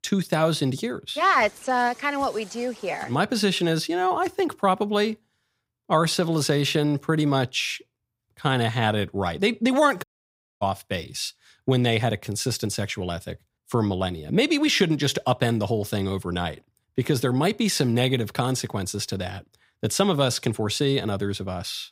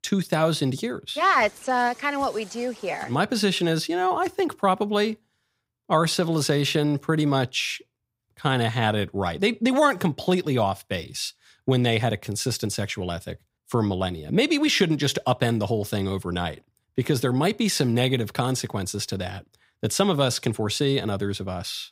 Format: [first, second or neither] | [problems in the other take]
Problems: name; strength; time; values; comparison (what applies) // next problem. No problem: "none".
second | audio cutting out; at 10 s for 0.5 s